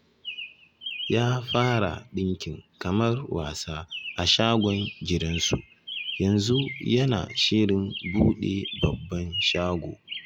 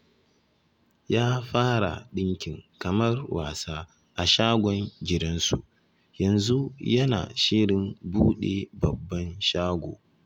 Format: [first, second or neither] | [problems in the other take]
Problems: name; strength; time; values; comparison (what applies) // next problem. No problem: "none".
second | background sound (Chirp, tweet); 12 dB below the speech